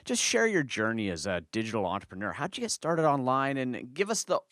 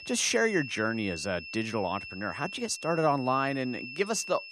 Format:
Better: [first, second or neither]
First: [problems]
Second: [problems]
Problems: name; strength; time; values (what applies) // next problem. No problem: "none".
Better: first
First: none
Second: high-pitched whine; noticeable; throughout; 2.5 kHz, 10 dB below the speech